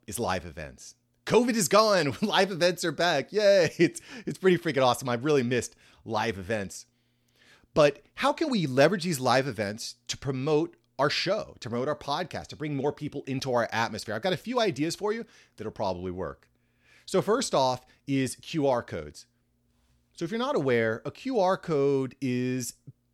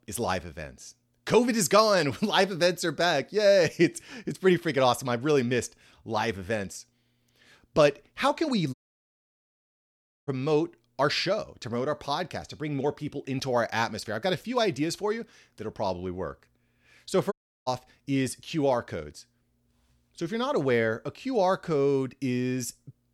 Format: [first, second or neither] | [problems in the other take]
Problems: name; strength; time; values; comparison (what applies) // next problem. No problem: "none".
first | audio cutting out; at 8.5 s for 1.5 s and at 17 s